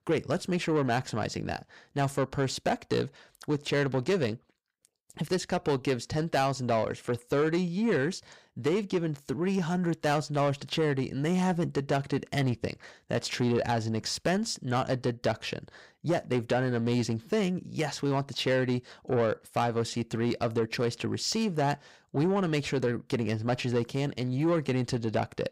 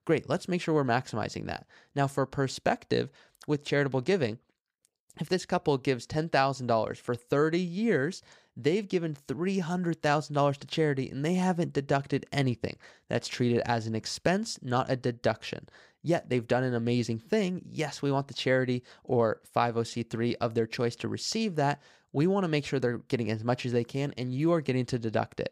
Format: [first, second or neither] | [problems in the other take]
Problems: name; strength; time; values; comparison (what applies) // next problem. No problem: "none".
second | distortion; slight; 10 dB below the speech